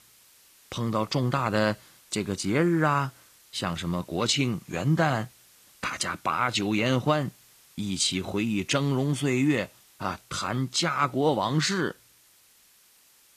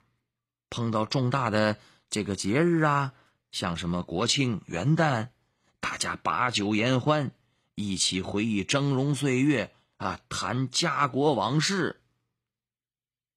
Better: second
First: hiss; faint; throughout; 25 dB below the speech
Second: none

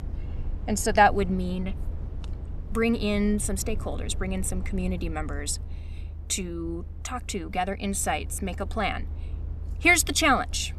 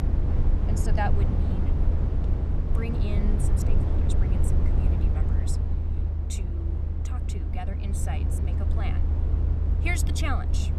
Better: first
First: low rumble; faint; throughout; 25 dB below the speech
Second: low rumble; loud; throughout; 3 dB below the speech

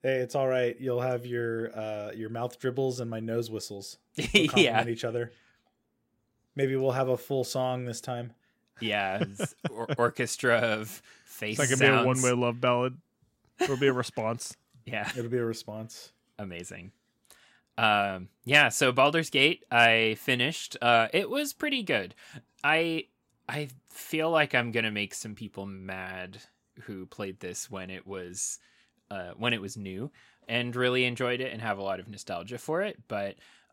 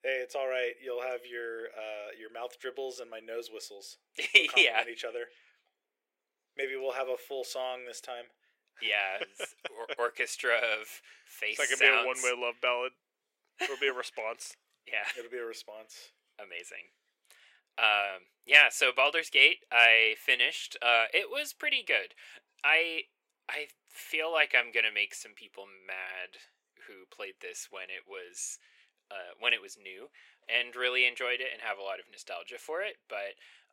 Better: first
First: none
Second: thin; very; fading below 450 Hz

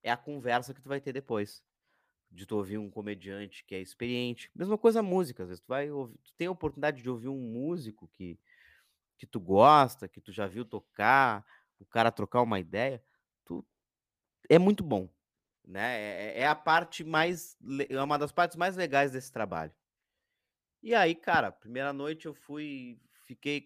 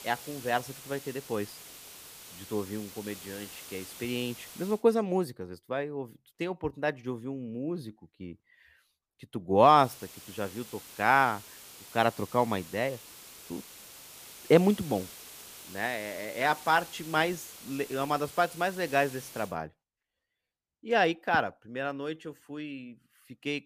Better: first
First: none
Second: hiss; noticeable; until 5 s and from 10 to 19 s; 15 dB below the speech

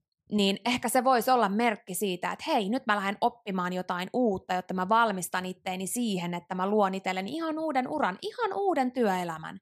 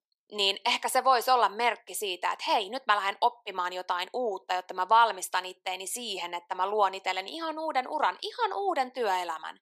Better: first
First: none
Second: thin; very; fading below 350 Hz

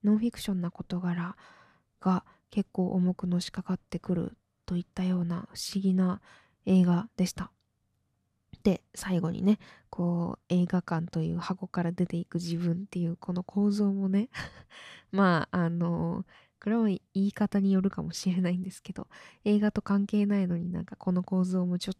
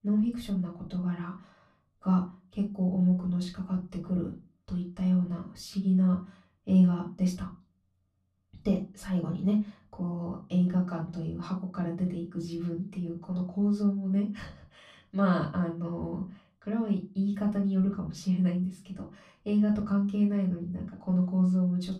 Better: first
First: none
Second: off-mic speech; far // room echo; very slight; dies away in 0.3 s

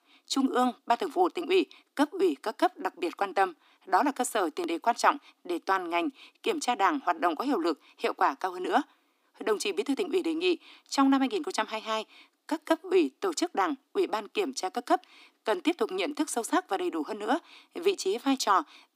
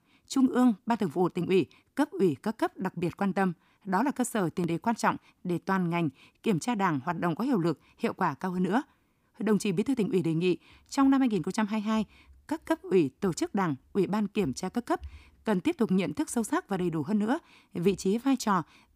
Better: second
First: thin; somewhat; fading below 300 Hz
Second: none

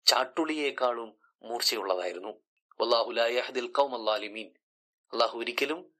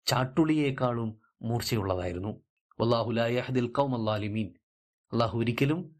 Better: second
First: thin; very; fading below 400 Hz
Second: none

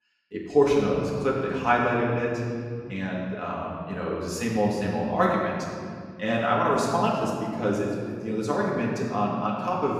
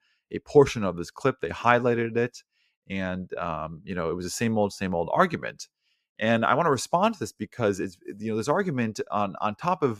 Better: second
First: off-mic speech; far // room echo; noticeable; dies away in 2.3 s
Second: none

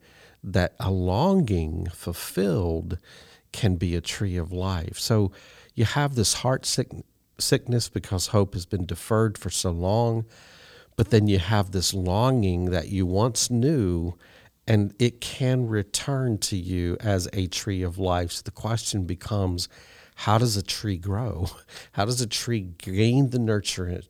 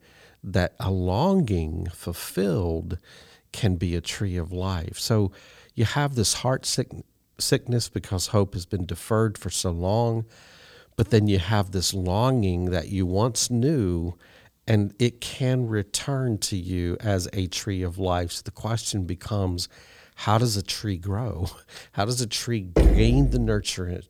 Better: first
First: none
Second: door banging; loud; at 23 s; peak 5 dB above the speech

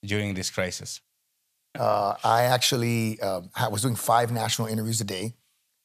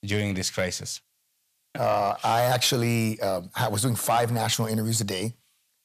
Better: first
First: none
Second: distortion; slight; 10 dB below the speech

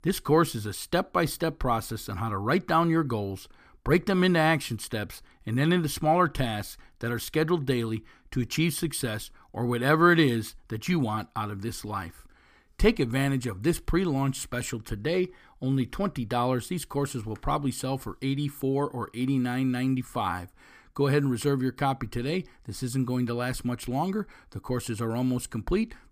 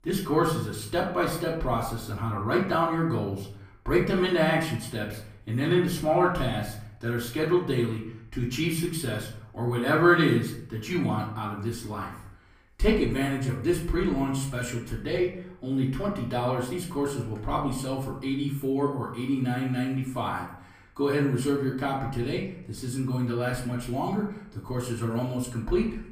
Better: first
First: none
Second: off-mic speech; far // room echo; slight; dies away in 0.6 s

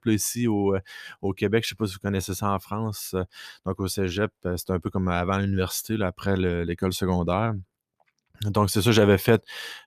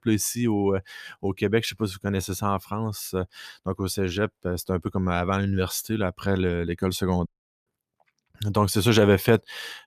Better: first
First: none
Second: audio cutting out; at 7.5 s

